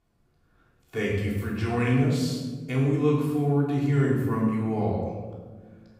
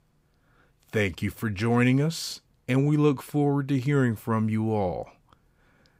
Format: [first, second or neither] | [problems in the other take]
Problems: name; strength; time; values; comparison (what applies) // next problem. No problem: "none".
second | off-mic speech; far // room echo; noticeable; dies away in 1.2 s